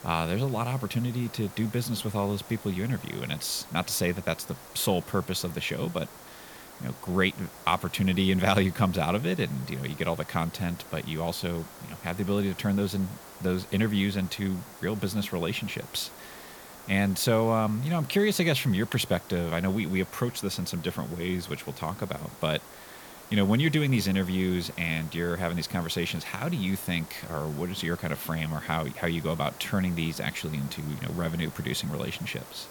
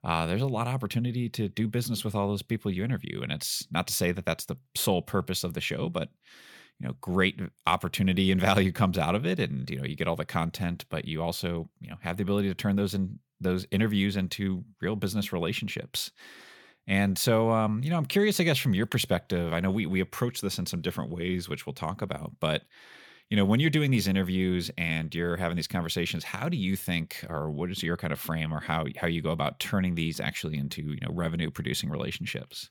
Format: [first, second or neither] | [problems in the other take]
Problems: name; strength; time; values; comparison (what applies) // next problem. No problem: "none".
second | hiss; noticeable; throughout; 15 dB below the speech